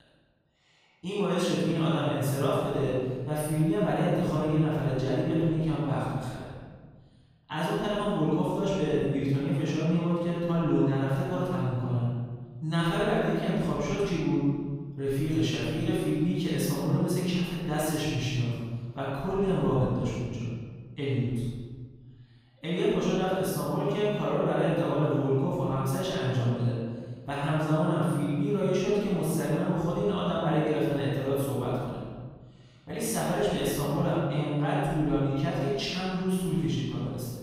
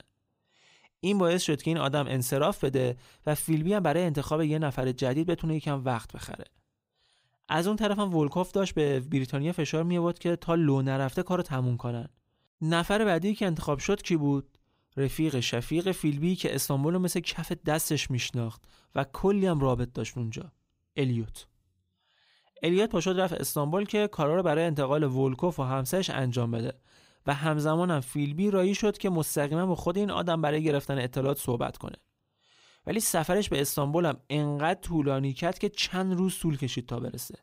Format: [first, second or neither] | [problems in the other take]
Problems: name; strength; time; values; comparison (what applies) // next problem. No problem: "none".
second | off-mic speech; far // room echo; strong; dies away in 1.5 s